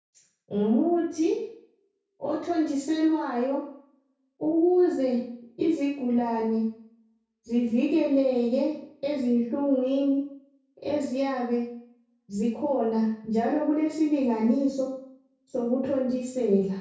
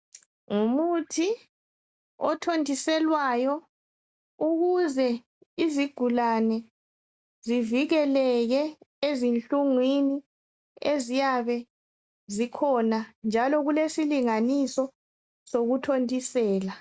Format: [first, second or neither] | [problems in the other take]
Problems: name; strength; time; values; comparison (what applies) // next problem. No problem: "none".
second | room echo; dies away in 0.6 s